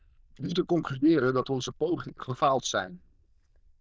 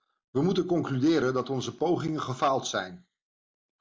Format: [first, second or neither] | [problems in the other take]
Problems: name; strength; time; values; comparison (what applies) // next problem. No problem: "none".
second | noise reduction (neural diffusion model UNIVERSE++)